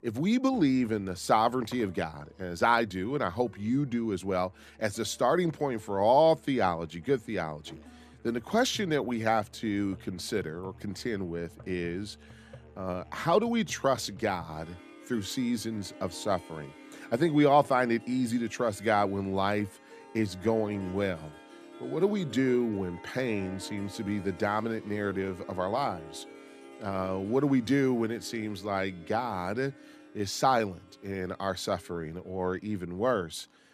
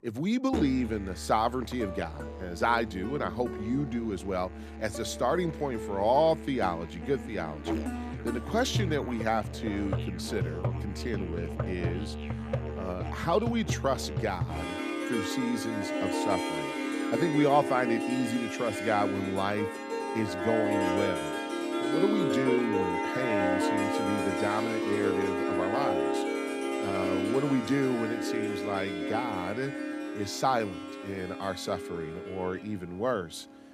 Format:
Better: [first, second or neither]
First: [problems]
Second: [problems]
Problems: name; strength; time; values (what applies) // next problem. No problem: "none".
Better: first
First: background music; faint; throughout; 20 dB below the speech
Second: background music; loud; throughout; 2 dB below the speech